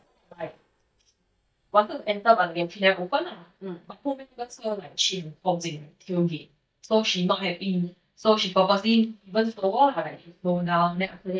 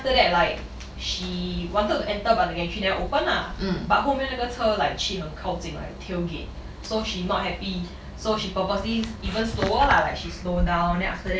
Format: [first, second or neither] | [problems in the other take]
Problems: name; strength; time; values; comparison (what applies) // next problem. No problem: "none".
second | noise reduction (neural mask model DeepFilterNet 3)